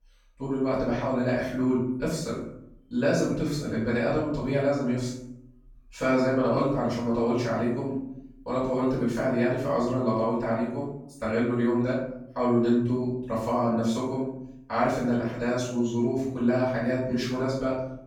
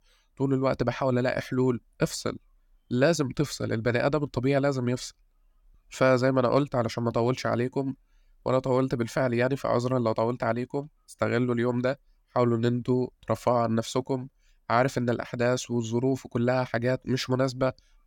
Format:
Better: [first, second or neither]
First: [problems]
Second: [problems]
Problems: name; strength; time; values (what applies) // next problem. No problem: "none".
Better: second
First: off-mic speech; far // room echo; noticeable; dies away in 0.6 s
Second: none